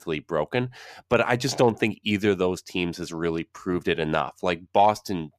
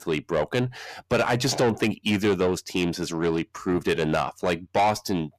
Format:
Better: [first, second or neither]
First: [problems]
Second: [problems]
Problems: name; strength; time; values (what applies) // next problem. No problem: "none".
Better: first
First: none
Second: distortion; heavy; 8 dB below the speech